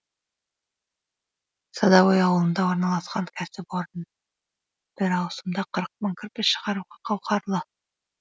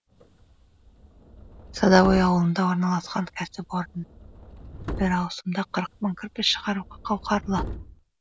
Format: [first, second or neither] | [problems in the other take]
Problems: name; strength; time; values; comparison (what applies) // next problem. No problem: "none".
first | background sound (Subway, metro, underground); 13 dB below the speech